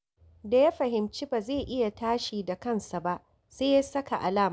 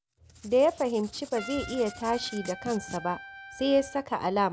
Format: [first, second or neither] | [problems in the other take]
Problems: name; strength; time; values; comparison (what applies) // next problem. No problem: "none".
first | background sound (Writing + Trumpet); 16 dB below the speech